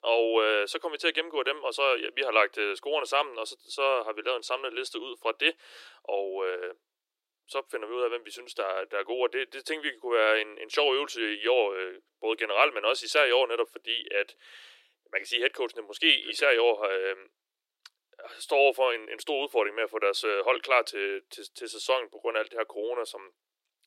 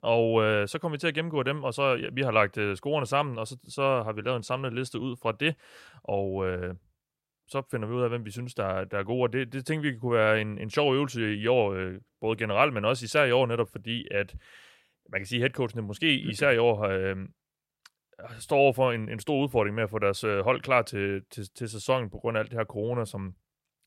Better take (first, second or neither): second